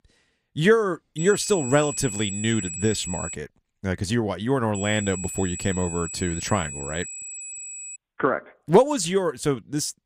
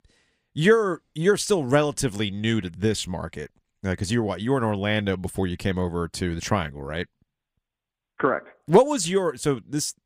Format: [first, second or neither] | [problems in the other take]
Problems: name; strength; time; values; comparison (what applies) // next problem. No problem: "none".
second | high-pitched whine; loud; from 1 to 3.5 s and from 5 to 8 s; 8 kHz, 8 dB below the speech